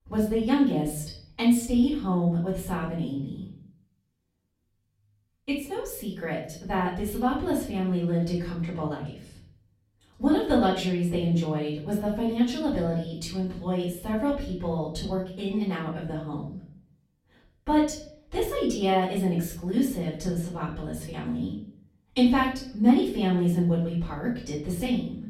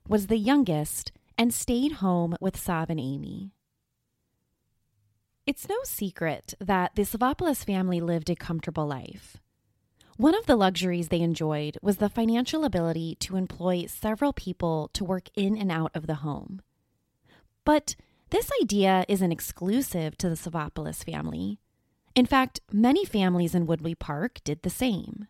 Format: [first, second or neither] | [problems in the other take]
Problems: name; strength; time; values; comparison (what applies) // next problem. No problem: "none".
second | off-mic speech; far // room echo; noticeable; dies away in 0.5 s